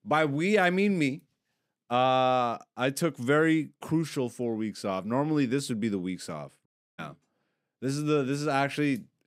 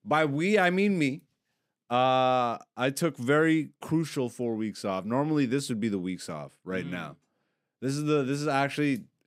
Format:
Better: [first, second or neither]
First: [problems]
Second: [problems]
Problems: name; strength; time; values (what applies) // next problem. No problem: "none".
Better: second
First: audio cutting out; at 6.5 s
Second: none